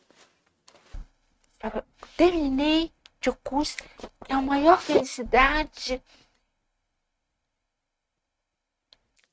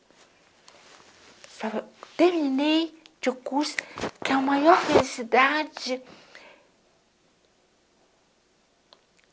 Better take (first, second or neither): second